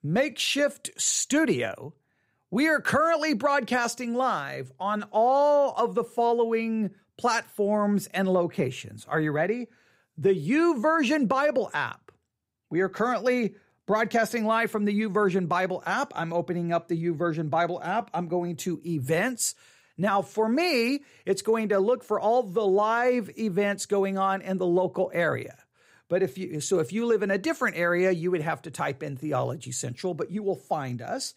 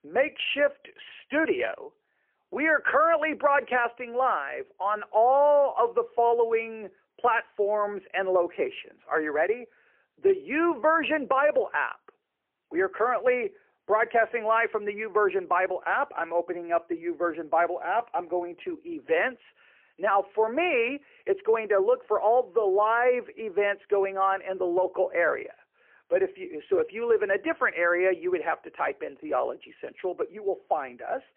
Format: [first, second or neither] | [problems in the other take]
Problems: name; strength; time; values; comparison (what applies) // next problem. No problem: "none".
first | phone-call audio; poor line; nothing above 3 kHz